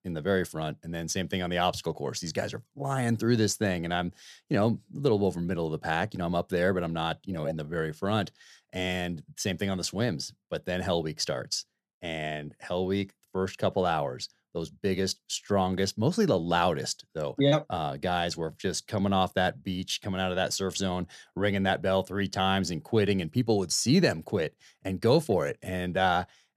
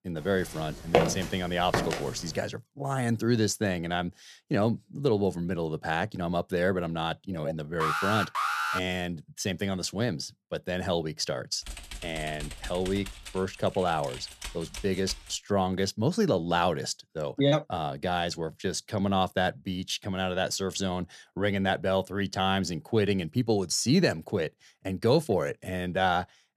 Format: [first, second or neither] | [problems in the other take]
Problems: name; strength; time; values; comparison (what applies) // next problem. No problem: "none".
first | footsteps; loud; from 1 to 2 s; peak 4 dB above the speech // alarm; loud; at 8 s; peak 2 dB above the speech // keyboard typing; faint; from 12 to 15 s; peak 10 dB below the speech